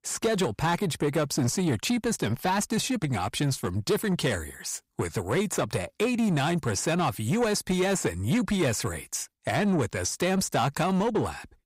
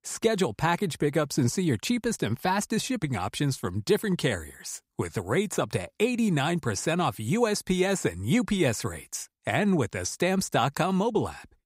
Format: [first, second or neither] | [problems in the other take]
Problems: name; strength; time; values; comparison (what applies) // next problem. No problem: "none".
second | distortion; slight; 10 dB below the speech